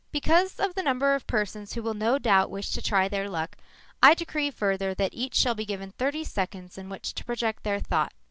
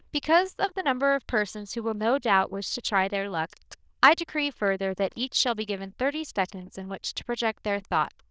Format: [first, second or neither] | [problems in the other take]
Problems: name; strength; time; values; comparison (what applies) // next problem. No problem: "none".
first | noise reduction (neural diffusion model UNIVERSE++)